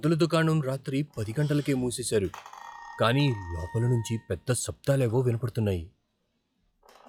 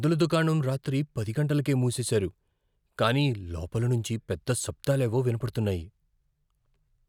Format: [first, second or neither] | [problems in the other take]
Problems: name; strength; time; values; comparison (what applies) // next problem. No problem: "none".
second | noise reduction (classical method log-MMSE)